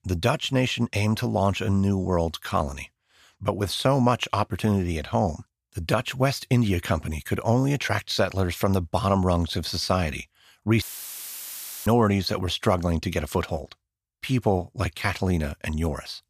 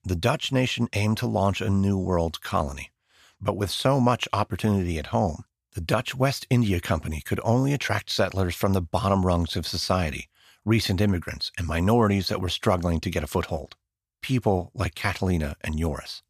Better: second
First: audio cutting out; filled with static; at 11 s for 1 s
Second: none

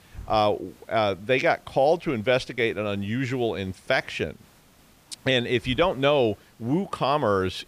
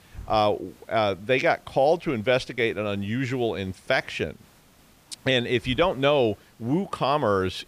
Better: neither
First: hiss; faint; throughout; 25 dB below the speech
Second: hiss; faint; throughout; 25 dB below the speech

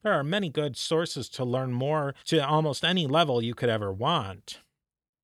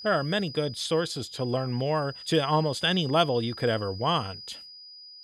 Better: first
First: none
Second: high-pitched whine; noticeable; throughout; 5 kHz, 15 dB below the speech

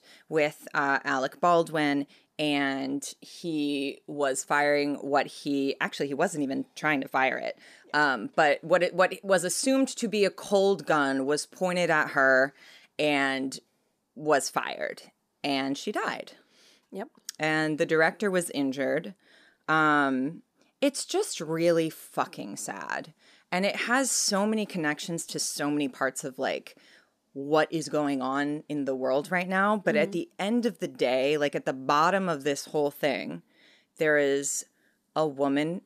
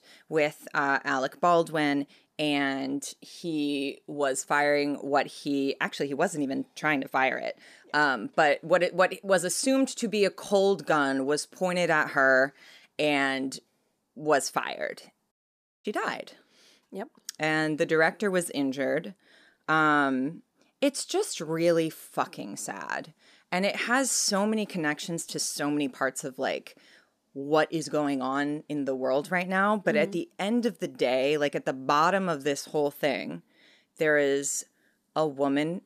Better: first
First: none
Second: audio cutting out; at 15 s for 0.5 s

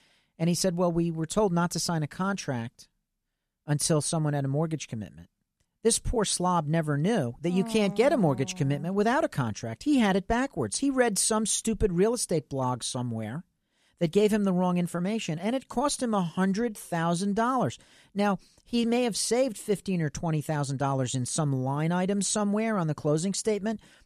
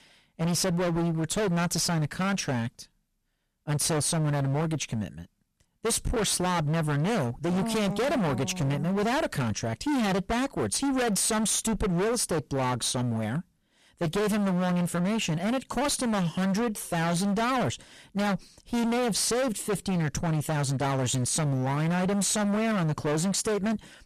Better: first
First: none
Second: distortion; heavy; 34% of the sound clipped

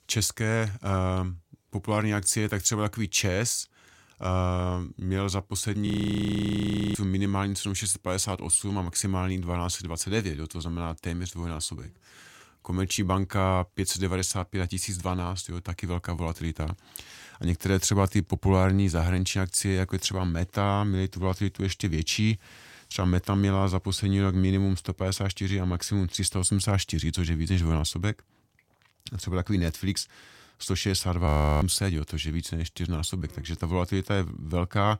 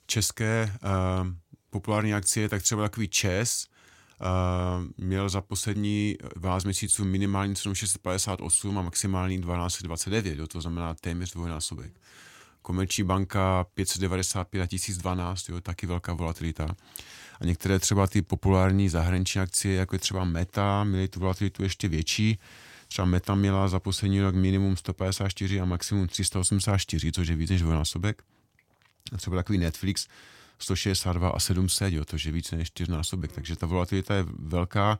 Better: second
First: audio freezing; at 6 s for 1 s and at 31 s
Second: none

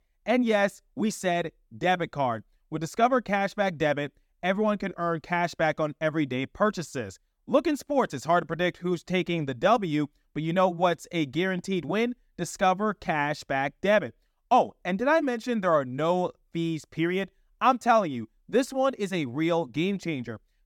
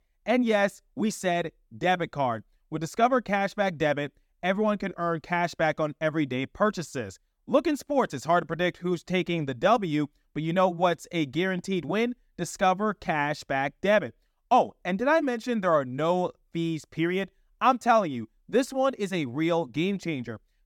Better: neither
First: none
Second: none

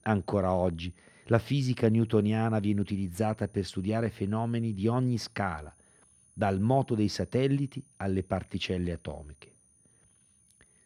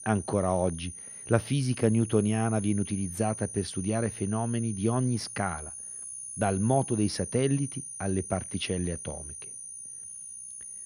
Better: first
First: high-pitched whine; faint; throughout; 9.5 kHz, 30 dB below the speech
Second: high-pitched whine; loud; throughout; 9.5 kHz, 9 dB below the speech

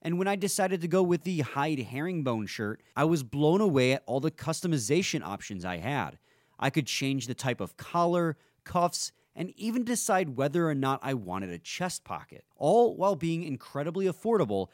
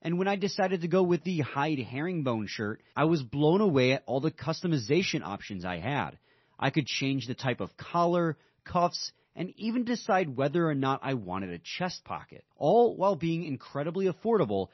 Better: first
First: none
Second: garbled, watery; slightly; nothing above 6 kHz

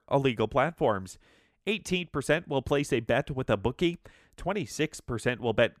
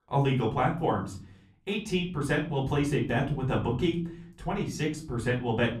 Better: first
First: none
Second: room echo; slight; dies away in 0.5 s // off-mic speech; far

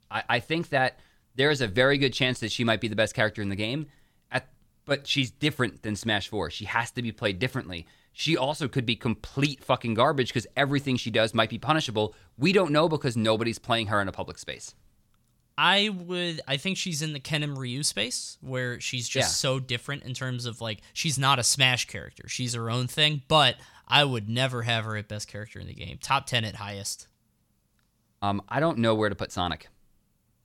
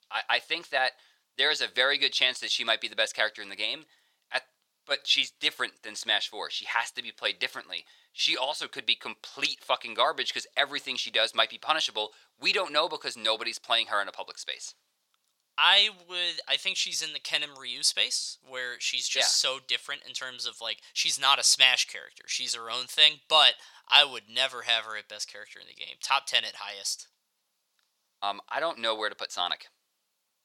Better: first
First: none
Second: thin; very; fading below 700 Hz

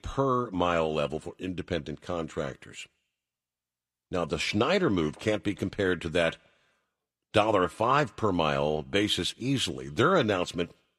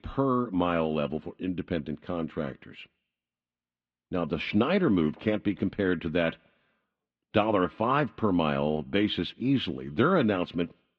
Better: first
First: none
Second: muffled; slightly; fading above 3.5 kHz

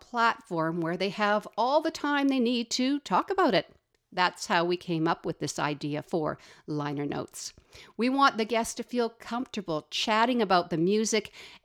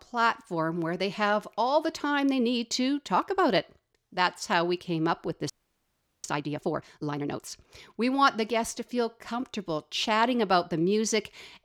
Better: first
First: none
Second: audio freezing; at 5.5 s for 0.5 s

